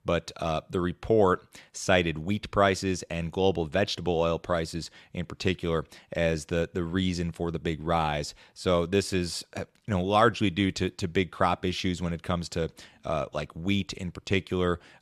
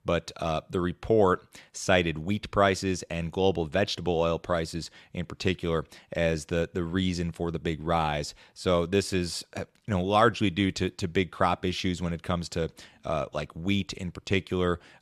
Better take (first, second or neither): neither